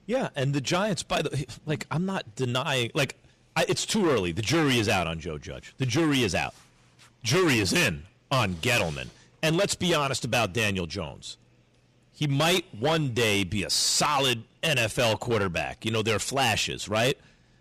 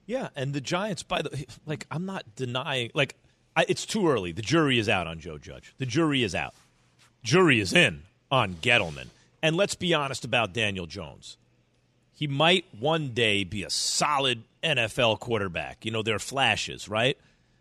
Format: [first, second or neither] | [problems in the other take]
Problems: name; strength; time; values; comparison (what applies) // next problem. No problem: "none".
second | distortion; heavy; 12% of the sound clipped